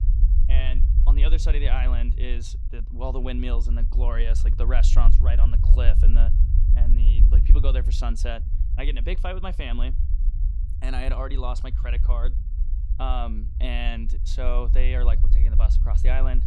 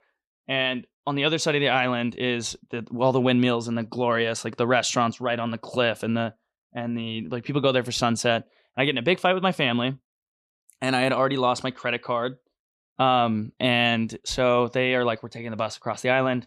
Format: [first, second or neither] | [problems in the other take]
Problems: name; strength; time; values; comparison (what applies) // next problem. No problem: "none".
second | low rumble; loud; throughout; 10 dB below the speech